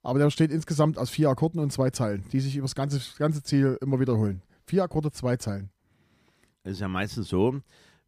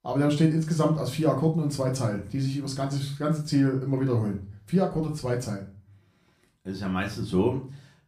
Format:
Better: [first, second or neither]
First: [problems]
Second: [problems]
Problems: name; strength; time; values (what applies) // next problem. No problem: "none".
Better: first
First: none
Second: room echo; slight; dies away in 0.3 s // off-mic speech; somewhat distant